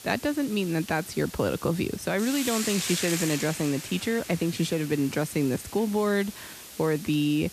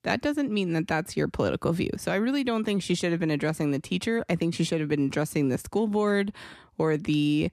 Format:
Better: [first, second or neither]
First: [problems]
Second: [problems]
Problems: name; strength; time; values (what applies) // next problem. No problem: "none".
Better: second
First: hiss; loud; throughout; 8 dB below the speech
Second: none